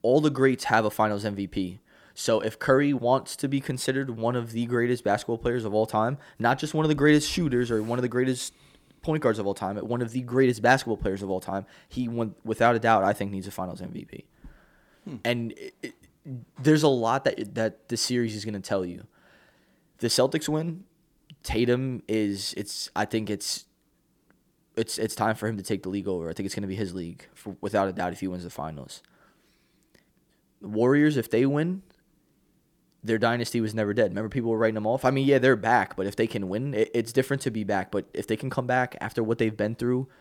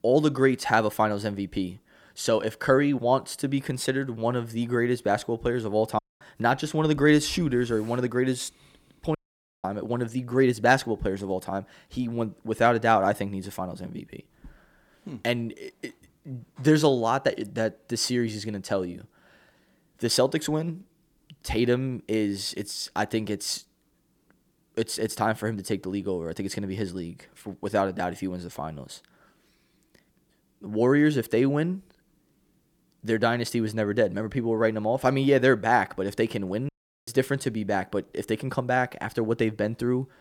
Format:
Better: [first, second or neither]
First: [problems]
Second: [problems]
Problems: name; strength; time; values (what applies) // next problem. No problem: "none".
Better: first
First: none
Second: audio cutting out; at 6 s, at 9 s and at 37 s